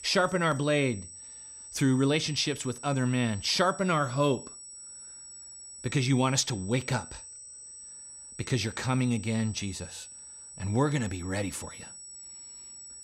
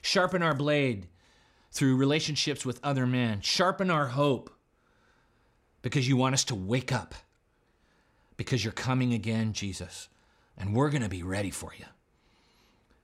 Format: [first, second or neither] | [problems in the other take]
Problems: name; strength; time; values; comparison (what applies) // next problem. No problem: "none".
second | high-pitched whine; noticeable; throughout; 8 kHz, 15 dB below the speech